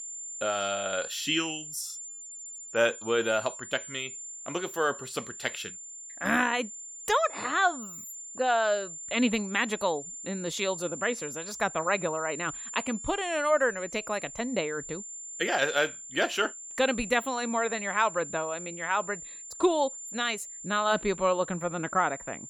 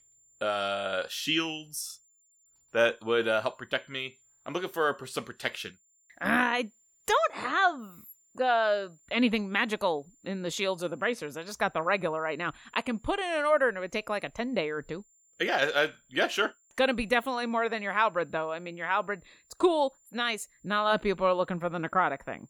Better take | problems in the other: second | high-pitched whine; loud; throughout; 7 kHz, 10 dB below the speech; faint in the second

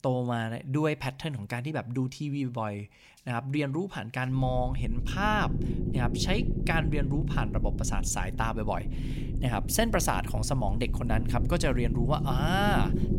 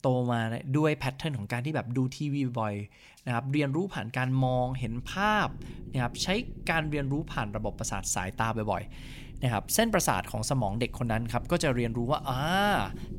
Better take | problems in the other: second | low rumble; loud; from 4.5 s on; 10 dB below the speech; faint in the second

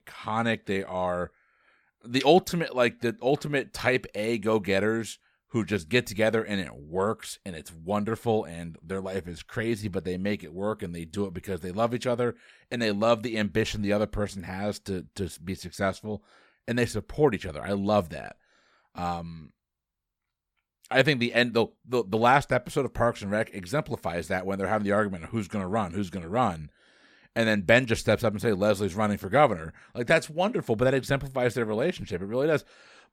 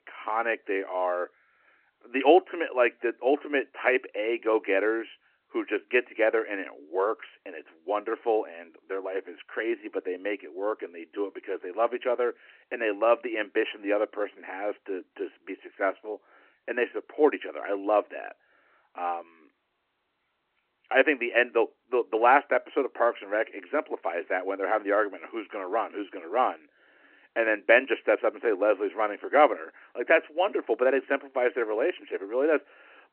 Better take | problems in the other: first | phone-call audio

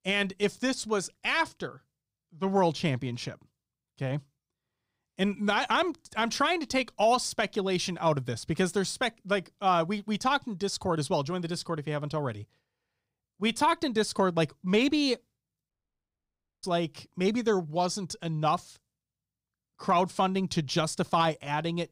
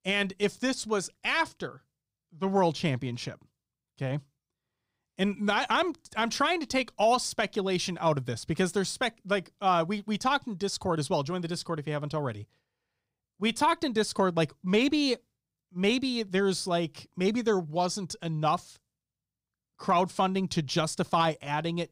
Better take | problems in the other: second | audio cutting out; at 16 s for 1 s

